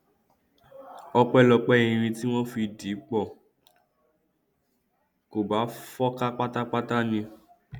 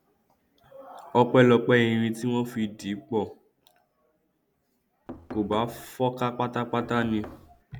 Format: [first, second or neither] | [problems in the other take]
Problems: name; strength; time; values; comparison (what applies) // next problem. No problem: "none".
first | background sound (Knock); 15 dB below the speech